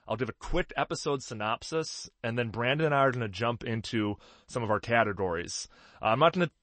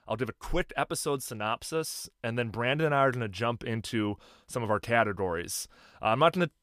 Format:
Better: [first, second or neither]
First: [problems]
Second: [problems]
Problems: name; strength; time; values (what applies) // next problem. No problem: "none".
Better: second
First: garbled, watery; slightly; nothing above 8 kHz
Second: none